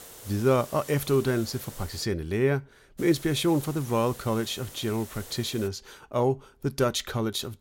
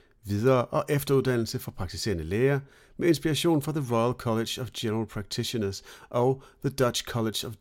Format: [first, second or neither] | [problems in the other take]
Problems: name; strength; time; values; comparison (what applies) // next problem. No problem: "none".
second | hiss; noticeable; until 2 s and from 3 to 5.5 s; 15 dB below the speech